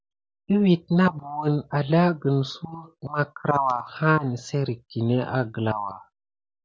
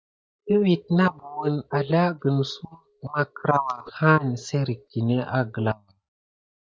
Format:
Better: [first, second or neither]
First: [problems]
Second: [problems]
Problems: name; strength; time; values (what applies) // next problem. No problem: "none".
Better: first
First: none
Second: noise reduction (neural mask model DeepFilterNet 3)